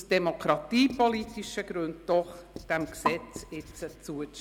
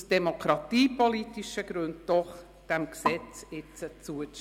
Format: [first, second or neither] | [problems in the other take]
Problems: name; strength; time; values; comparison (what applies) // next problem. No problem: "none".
second | background sound (Writing); 18 dB below the speech